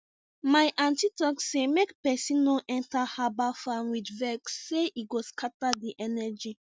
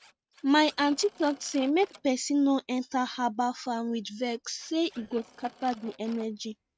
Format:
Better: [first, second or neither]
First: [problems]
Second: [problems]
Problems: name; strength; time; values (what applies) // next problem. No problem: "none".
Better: first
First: none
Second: noise reduction (neural mask model RNNoise)